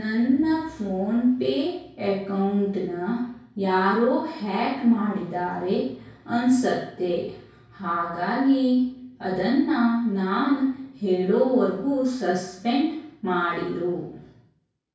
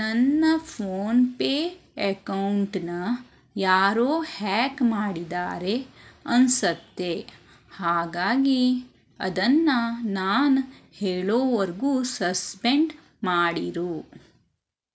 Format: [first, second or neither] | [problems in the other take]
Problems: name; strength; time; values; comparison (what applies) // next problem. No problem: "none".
second | room echo; dies away in 0.6 s